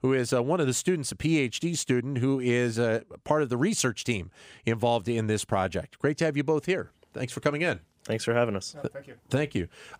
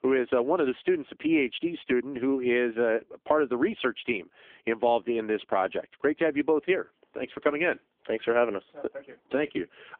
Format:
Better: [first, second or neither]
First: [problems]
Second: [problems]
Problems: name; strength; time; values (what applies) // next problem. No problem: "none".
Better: first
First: none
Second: phone-call audio; poor line; nothing above 3.5 kHz